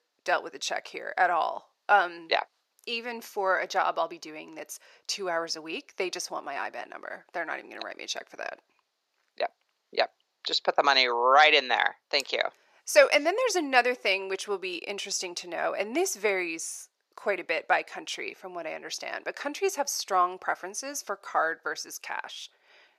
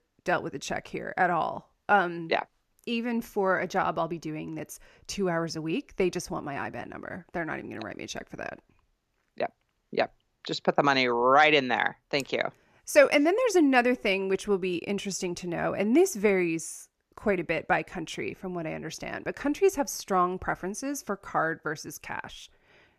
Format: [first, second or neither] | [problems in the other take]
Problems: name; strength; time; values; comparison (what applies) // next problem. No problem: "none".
second | thin; somewhat; fading below 600 Hz